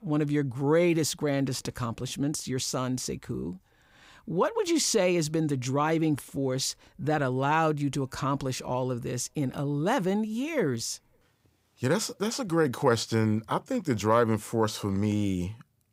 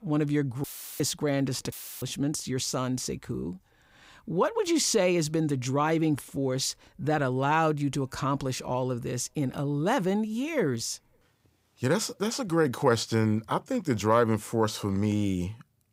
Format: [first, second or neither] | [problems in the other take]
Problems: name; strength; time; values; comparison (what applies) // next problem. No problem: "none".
first | audio cutting out; filled with static; at 0.5 s and at 1.5 s